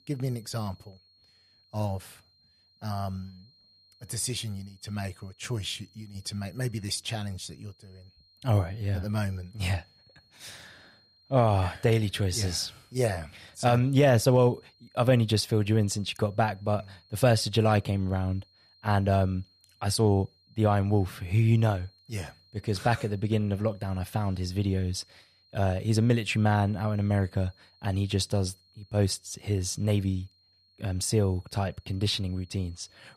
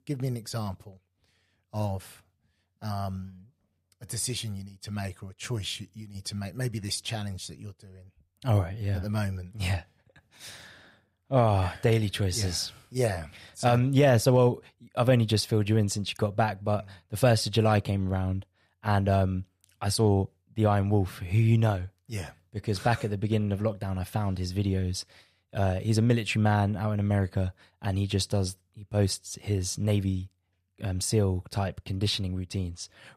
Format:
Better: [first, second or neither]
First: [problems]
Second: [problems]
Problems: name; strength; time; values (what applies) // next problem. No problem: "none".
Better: second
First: high-pitched whine; faint; throughout; 4 kHz, 30 dB below the speech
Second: none